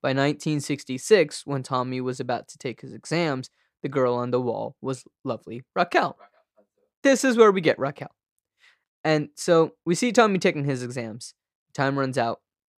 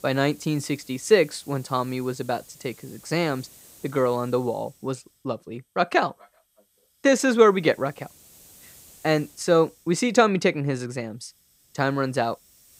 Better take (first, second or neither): first